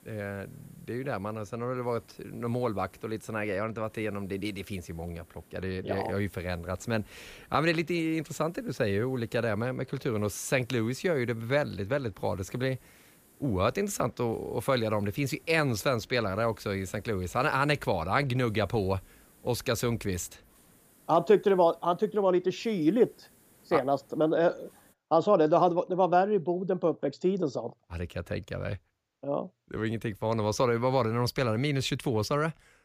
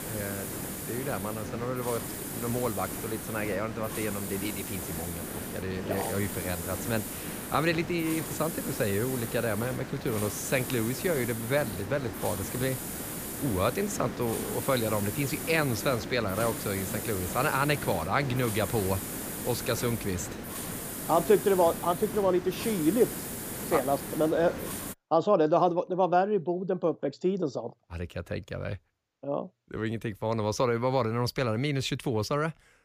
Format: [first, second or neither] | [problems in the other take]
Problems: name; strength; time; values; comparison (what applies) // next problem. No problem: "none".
first | hiss; loud; until 25 s; 6 dB below the speech; faint in the first